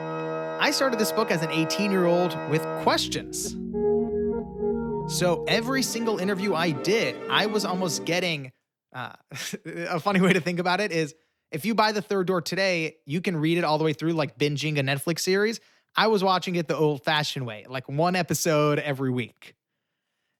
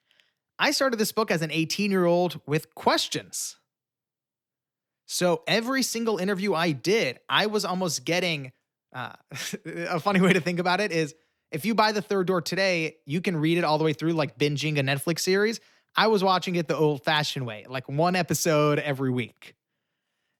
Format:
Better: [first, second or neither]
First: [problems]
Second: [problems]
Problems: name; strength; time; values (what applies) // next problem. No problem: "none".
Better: second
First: background music; loud; until 8 s; 6 dB below the speech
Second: none